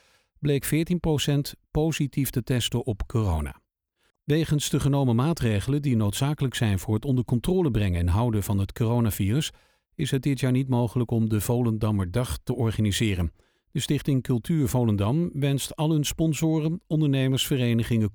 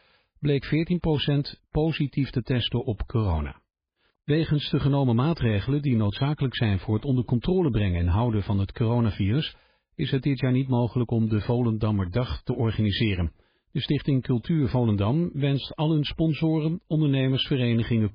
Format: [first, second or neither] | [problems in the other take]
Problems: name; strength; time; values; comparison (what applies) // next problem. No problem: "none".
first | garbled, watery; badly; nothing above 4 kHz